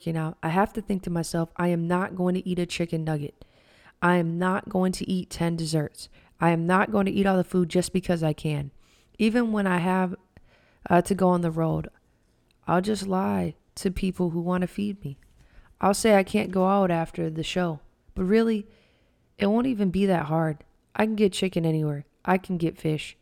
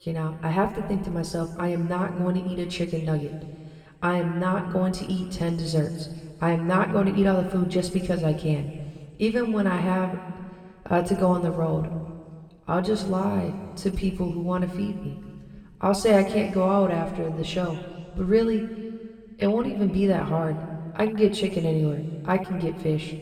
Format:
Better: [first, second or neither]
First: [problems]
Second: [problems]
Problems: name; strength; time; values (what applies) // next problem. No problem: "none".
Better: first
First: none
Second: room echo; slight; dies away in 2 s